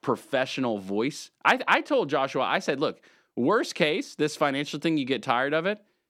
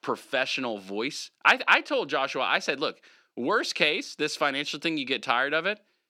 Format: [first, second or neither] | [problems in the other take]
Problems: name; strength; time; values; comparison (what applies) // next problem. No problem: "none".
first | thin; very slightly; fading below 600 Hz